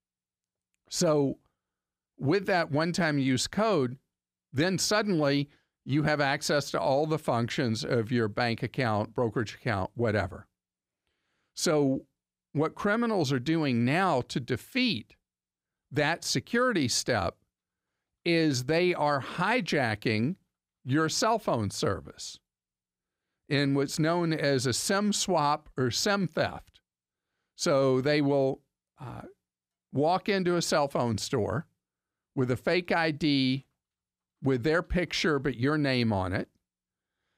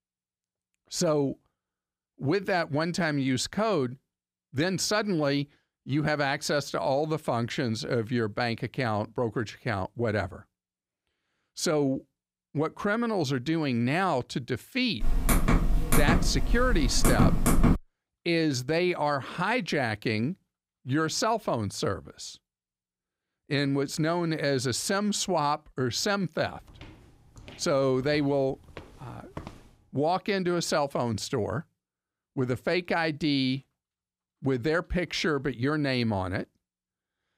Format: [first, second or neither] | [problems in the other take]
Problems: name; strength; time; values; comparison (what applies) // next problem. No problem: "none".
first | keyboard typing; loud; from 15 to 18 s; peak 4 dB above the speech // footsteps; faint; from 27 to 30 s; peak 15 dB below the speech